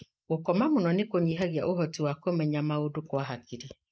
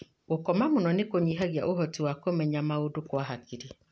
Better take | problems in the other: second | noise reduction (neural mask model Resemble Enhance denoiser)

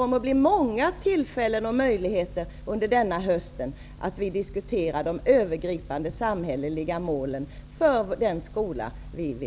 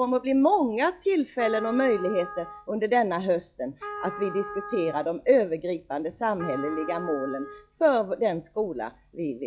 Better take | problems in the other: first | noise reduction (classical method log-MMSE)

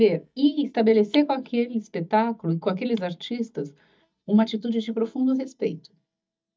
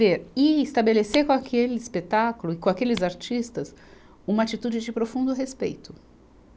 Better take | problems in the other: second | noise reduction (neural mask model DeepFilterNet 3)

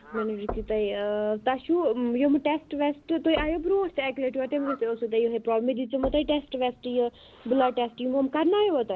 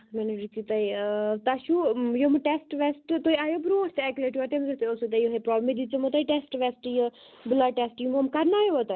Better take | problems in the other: second | background sound (Knock / Wood + Fowl); 16 dB below the speech

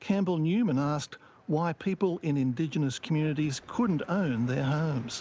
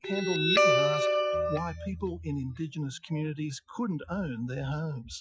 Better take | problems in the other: first | noise reduction (classical method Wiener filter)

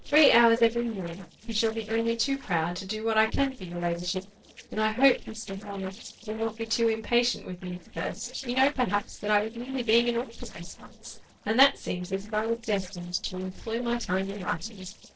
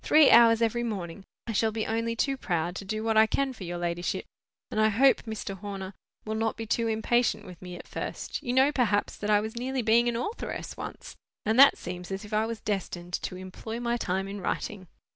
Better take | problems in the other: second | noise reduction (neural separator model SepFormer DNS4)

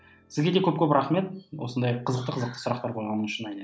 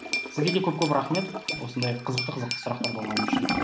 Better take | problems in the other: first | background sound (Toilet flush / Gurgling + Glass); 2 dB below the speech

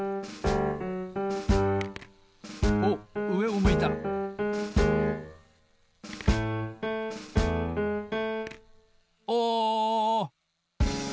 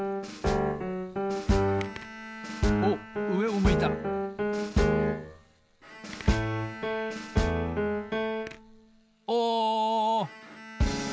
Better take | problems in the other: first | background sound (Bowed string instrument); 18 dB below the speech

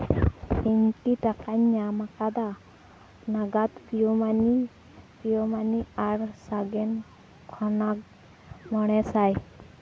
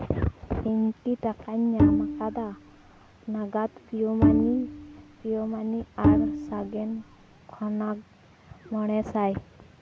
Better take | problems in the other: first | background sound (Bowed string instrument); 4 dB above the speech

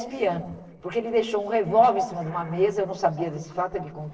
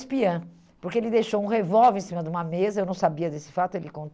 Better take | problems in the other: second | noise reduction (neural separator model SepFormer DNS4)

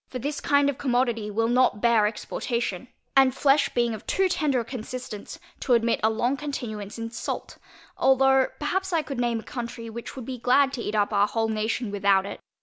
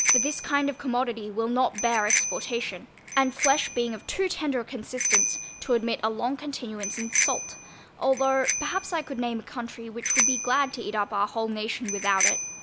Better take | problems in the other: first | background sound (Bicycle bell); 2 dB below the speech

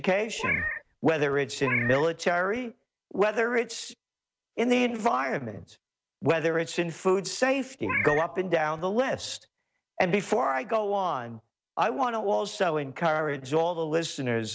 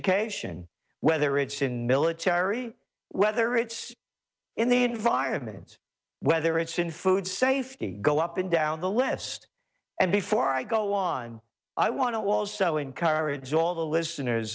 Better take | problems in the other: second | background sound (Meow); 6 dB below the speech

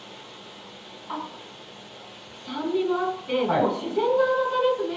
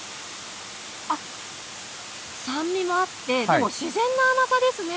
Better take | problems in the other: second | room echo; dies away in 0.7 s

